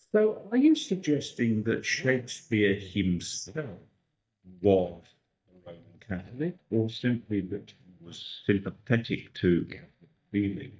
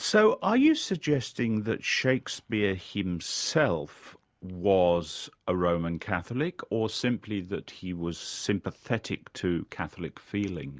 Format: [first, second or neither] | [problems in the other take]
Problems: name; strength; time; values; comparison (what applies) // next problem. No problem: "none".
second | noise reduction (neural mask model DeepFilterNet 3)